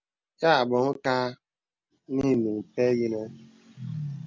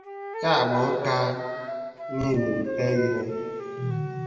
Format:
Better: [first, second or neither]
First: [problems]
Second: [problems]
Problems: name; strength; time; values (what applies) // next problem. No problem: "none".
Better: first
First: none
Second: background sound (Wind instrument, woodwind instrument); 7 dB below the speech // room echo; dies away in 2.2 s